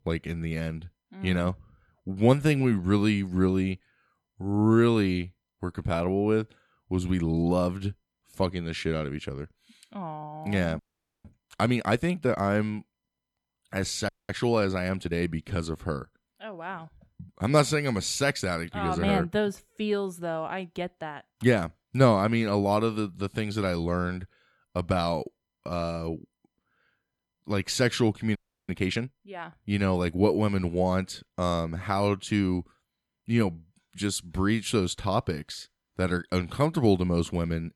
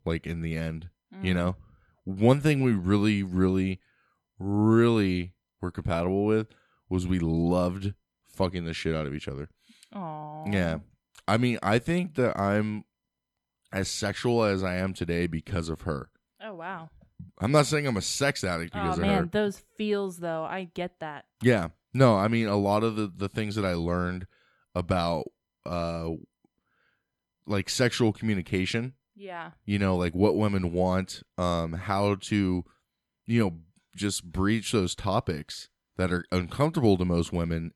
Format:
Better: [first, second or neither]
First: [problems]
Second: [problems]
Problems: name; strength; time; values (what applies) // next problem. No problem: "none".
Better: second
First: audio freezing; at 11 s, at 14 s and at 28 s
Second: none